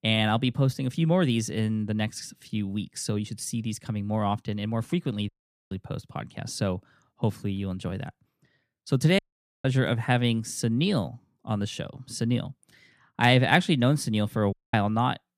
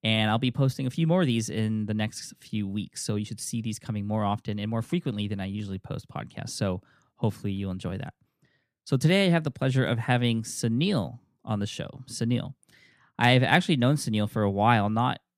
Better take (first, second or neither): second